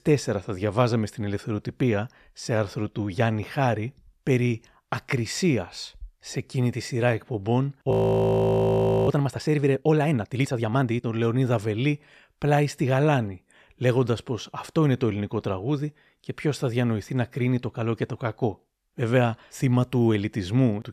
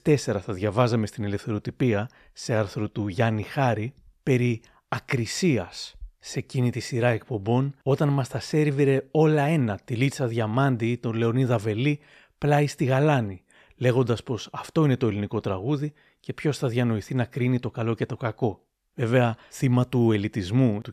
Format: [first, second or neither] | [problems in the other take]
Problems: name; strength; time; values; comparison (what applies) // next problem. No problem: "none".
second | audio freezing; at 8 s for 1 s